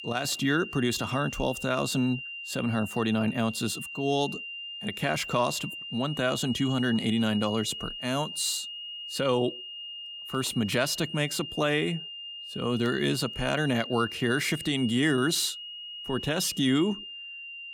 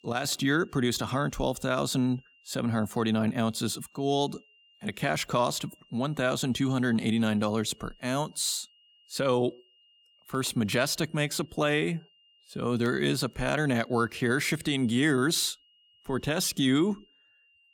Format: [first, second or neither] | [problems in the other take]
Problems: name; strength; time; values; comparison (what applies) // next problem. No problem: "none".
second | high-pitched whine; loud; throughout; 3 kHz, 9 dB below the speech; faint in the second